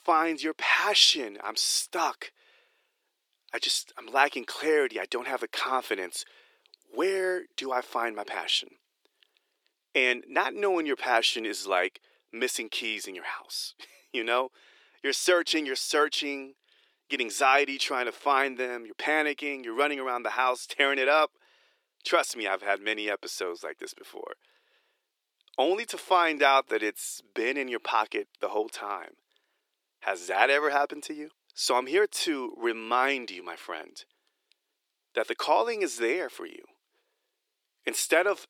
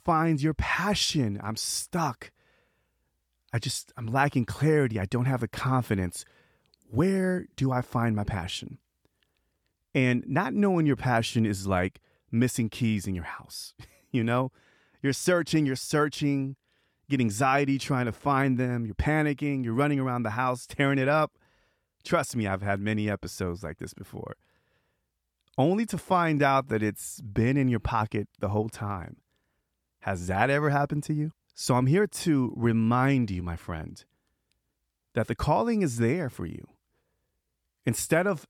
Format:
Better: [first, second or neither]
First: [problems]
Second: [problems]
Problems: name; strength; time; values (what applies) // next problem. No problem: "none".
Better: second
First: thin; very; fading below 350 Hz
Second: none